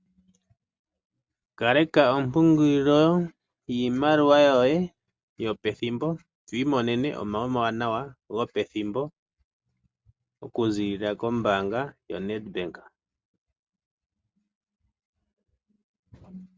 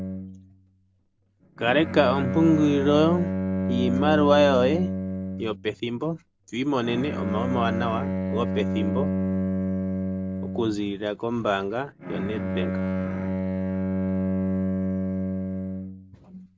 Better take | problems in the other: first | background sound (Bowed string instrument); 1 dB below the speech

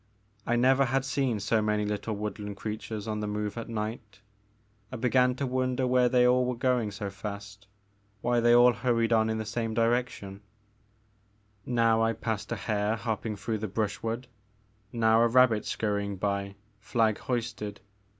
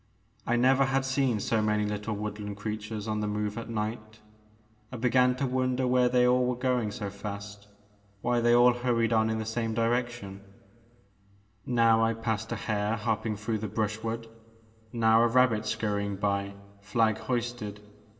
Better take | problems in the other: first | room echo; dies away in 1.9 s

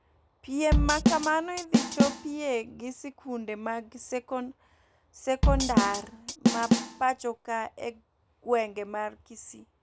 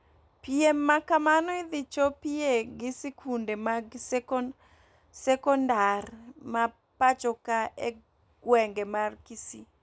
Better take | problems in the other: second | background sound (Drum / Drum kit); 5 dB above the speech

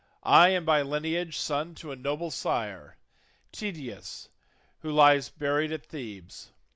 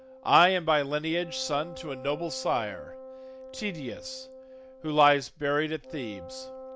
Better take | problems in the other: first | background sound (Wind instrument, woodwind instrument); 16 dB below the speech

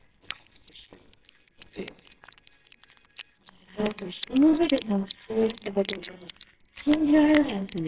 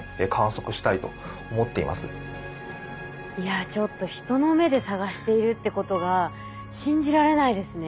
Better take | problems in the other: second | noise reduction (neural separator model SepFormer WHAMR!)

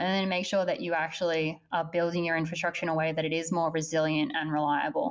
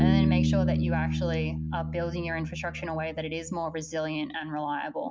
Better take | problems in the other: first | background sound (Bass guitar); 3 dB above the speech

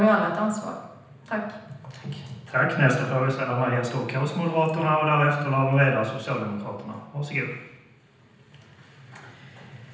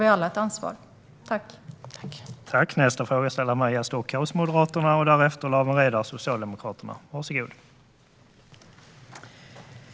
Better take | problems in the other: second | room echo; dies away in 0.9 s

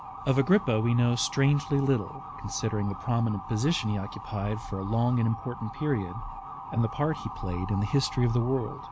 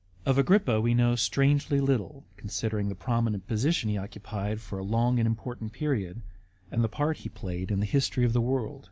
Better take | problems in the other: second | background sound (Motor vehicle (road) / Siren); 13 dB below the speech

